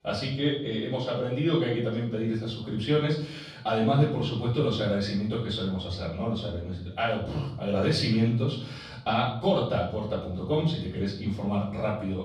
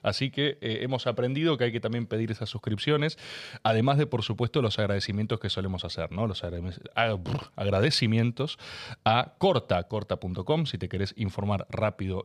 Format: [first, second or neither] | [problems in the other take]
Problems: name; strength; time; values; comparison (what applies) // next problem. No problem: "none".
second | off-mic speech; far // room echo; noticeable; dies away in 0.7 s